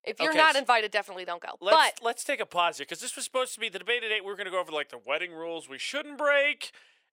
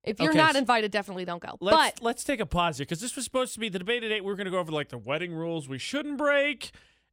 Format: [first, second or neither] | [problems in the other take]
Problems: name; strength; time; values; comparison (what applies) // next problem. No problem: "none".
second | thin; somewhat; fading below 550 Hz